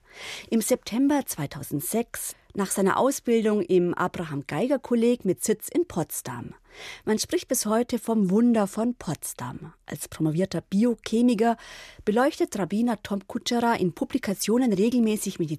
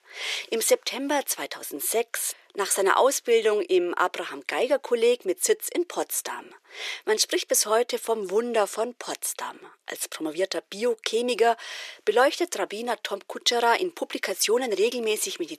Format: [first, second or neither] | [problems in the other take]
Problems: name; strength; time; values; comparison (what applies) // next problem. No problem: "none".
first | thin; very; fading below 400 Hz